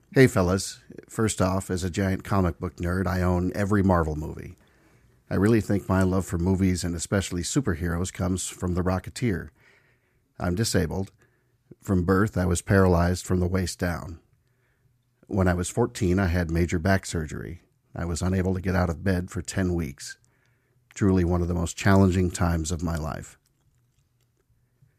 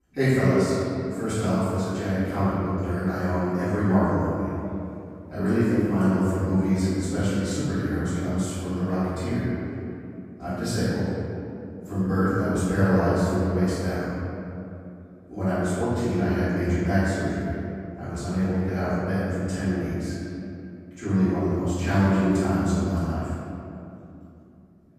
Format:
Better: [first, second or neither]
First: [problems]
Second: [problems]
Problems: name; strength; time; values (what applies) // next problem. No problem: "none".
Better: first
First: none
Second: off-mic speech; far // room echo; strong; dies away in 2.7 s